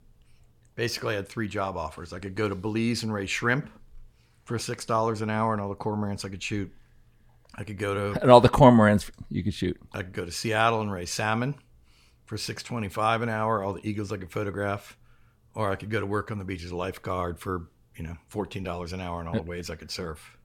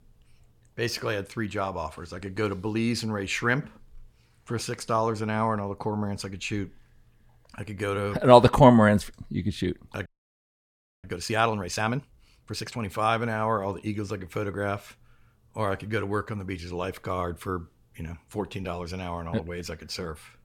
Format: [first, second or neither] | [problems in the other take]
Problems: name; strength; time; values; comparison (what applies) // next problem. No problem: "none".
first | audio freezing; at 10 s for 1 s